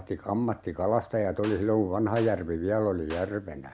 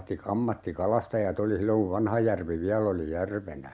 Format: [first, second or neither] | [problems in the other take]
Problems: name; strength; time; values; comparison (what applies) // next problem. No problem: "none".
second | background sound (Clapping); 19 dB below the speech